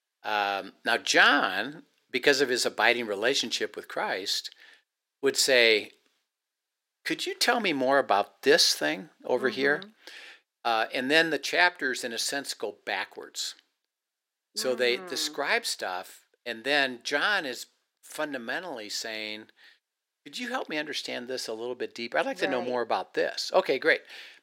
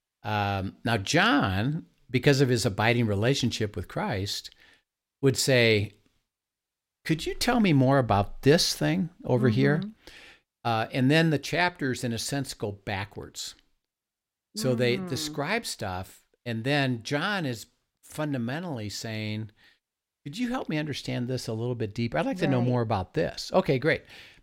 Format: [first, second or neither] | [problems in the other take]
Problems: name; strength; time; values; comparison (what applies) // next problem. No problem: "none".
second | thin; somewhat; fading below 350 Hz